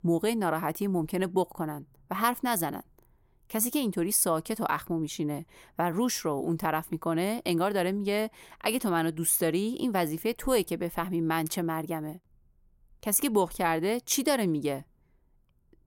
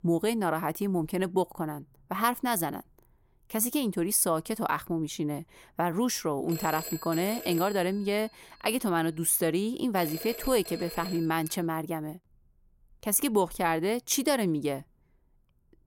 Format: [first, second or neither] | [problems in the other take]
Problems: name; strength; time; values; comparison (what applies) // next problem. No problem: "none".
first | phone ringing; noticeable; from 6.5 to 12 s; peak 8 dB below the speech